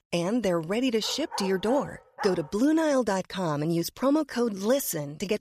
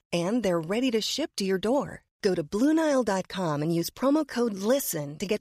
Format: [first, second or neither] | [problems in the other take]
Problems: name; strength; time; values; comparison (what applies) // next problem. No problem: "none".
second | dog barking; noticeable; from 1 to 2.5 s; peak 10 dB below the speech